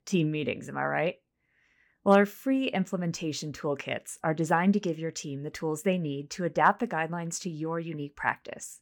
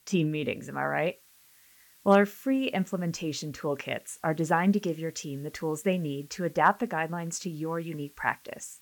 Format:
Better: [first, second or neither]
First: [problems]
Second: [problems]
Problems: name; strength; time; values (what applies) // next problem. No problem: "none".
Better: first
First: none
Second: hiss; faint; throughout; 25 dB below the speech